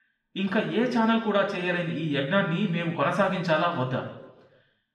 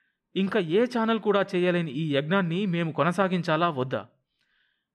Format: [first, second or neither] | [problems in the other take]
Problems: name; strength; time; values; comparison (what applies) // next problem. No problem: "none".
second | room echo; noticeable; dies away in 0.8 s // off-mic speech; somewhat distant